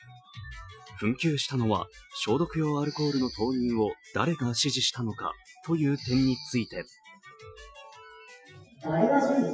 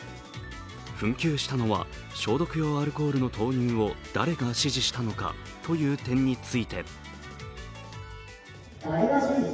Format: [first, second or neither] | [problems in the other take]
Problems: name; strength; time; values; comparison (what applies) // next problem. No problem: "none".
second | noise reduction (classical method Wiener filter)